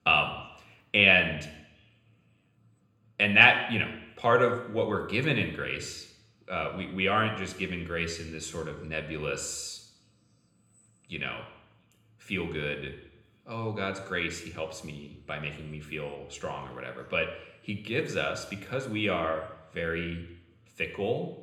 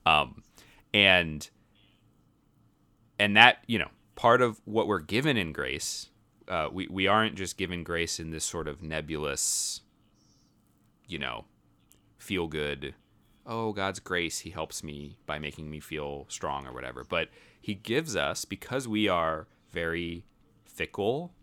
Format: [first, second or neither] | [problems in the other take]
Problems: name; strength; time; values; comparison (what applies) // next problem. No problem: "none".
second | room echo; slight; dies away in 0.8 s // off-mic speech; somewhat distant